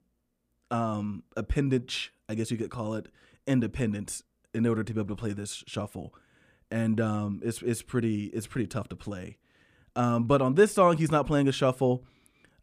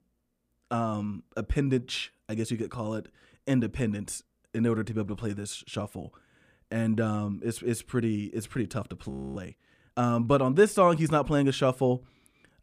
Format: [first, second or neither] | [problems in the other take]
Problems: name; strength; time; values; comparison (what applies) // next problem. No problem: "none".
first | audio freezing; at 9 s